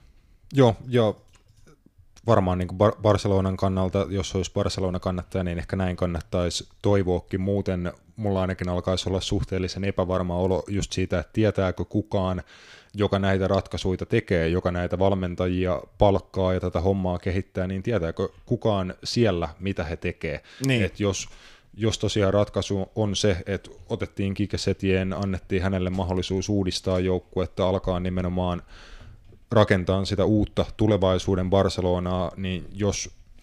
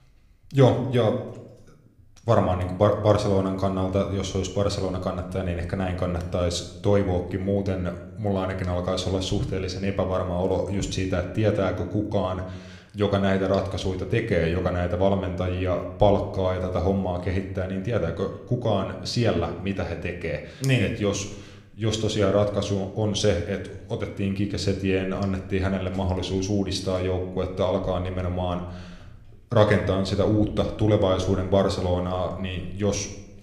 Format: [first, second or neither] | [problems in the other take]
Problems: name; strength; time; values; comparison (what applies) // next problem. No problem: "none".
first | room echo; slight; dies away in 0.7 s